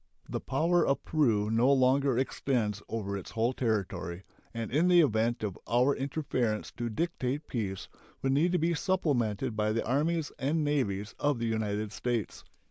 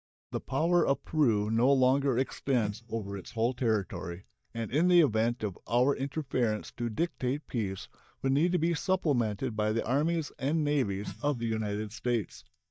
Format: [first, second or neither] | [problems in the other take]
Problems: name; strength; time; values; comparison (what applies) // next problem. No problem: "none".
first | noise reduction (neural mask model DeepFilterNet 3)